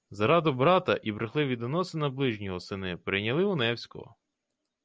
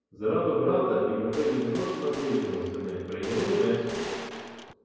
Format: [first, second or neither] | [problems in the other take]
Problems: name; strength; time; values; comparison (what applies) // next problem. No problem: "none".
first | background sound (Gunshot, gunfire); 13 dB below the speech // room echo; dies away in 2.2 s